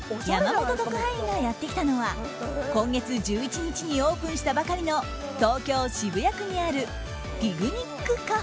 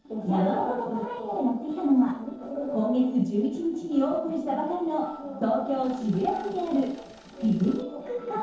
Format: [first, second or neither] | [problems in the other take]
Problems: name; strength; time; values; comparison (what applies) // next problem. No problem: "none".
first | noise reduction (neural separator model SepFormer DNS4)